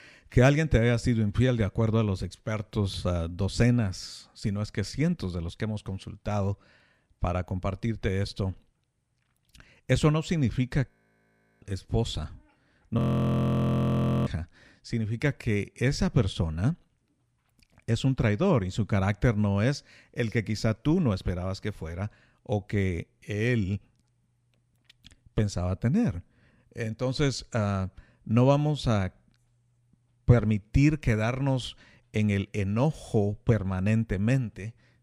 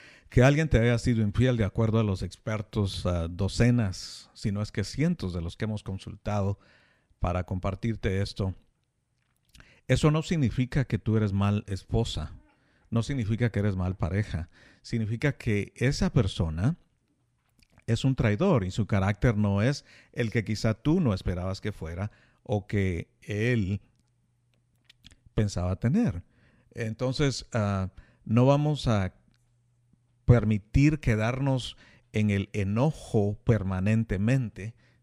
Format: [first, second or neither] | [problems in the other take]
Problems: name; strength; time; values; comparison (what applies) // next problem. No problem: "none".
second | audio freezing; at 11 s for 0.5 s and at 13 s for 1.5 s